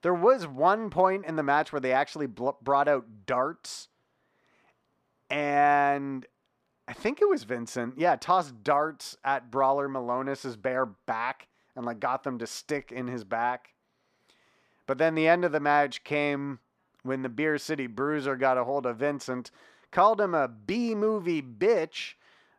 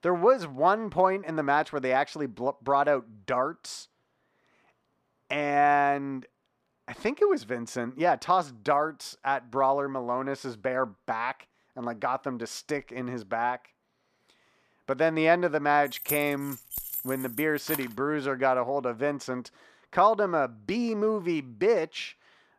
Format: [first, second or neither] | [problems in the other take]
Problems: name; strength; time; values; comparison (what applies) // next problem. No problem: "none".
first | jangling keys; noticeable; from 16 to 18 s; peak 5 dB below the speech